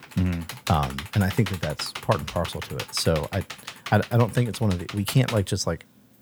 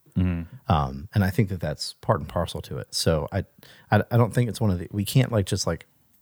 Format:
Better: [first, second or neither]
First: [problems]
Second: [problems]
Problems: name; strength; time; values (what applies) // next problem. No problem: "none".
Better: second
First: keyboard typing; noticeable; until 5.5 s; peak 8 dB below the speech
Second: none